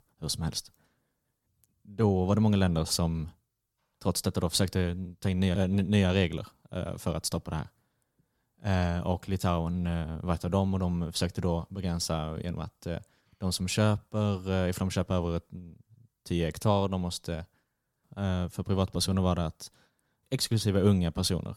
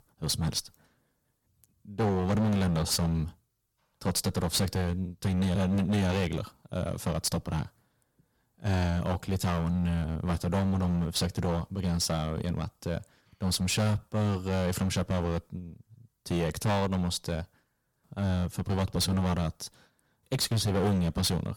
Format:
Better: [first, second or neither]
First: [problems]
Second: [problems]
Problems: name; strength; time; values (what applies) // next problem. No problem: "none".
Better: first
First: none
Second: distortion; heavy; 11% of the sound clipped